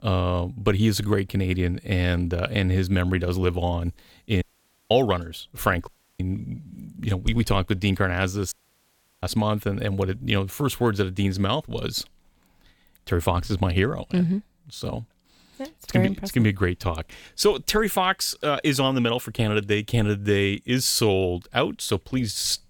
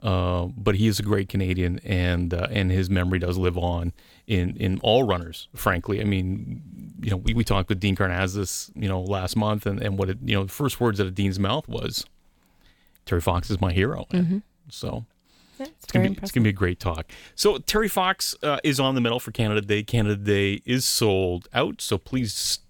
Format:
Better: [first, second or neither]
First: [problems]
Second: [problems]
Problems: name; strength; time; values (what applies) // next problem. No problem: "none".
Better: second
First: audio cutting out; at 4.5 s, at 6 s and at 8.5 s for 0.5 s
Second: none